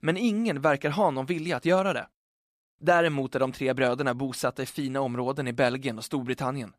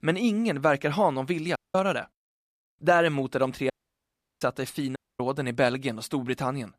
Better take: first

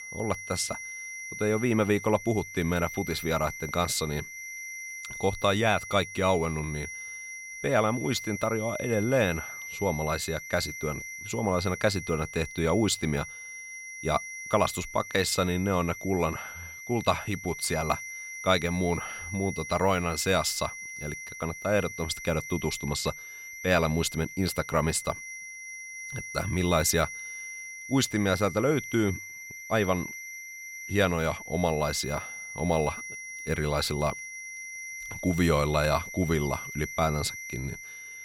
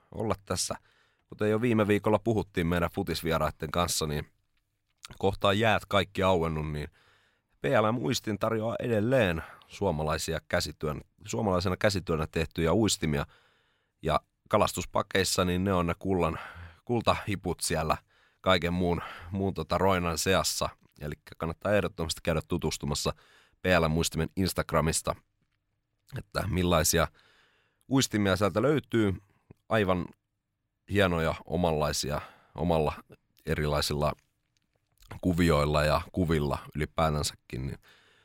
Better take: second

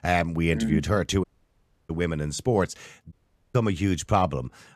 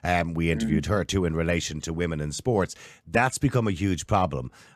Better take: second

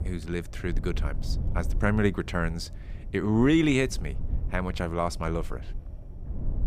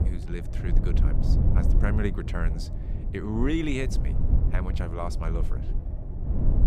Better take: first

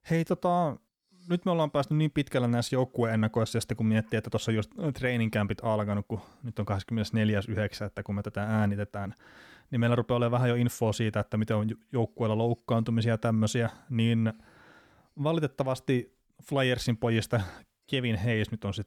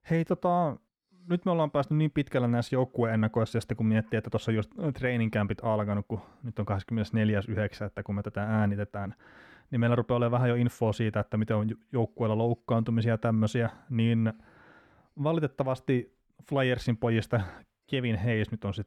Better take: first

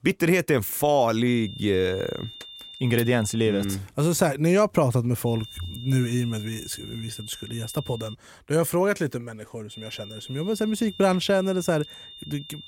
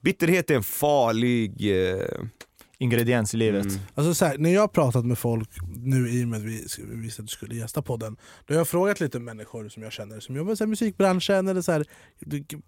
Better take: second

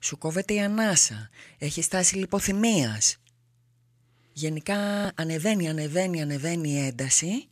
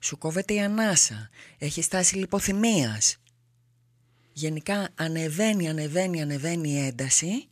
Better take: second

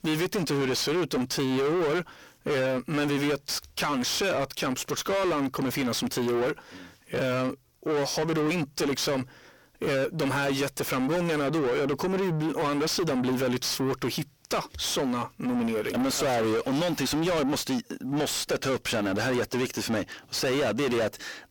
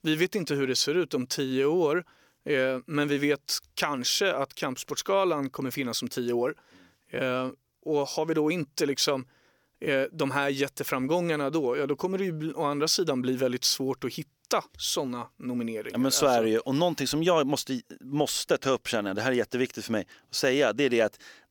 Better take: second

